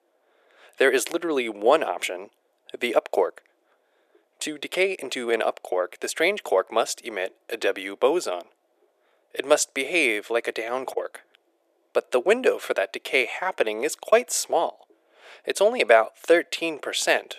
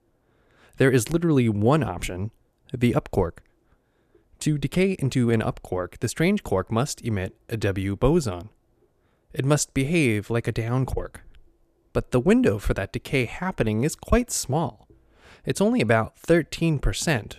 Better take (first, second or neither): second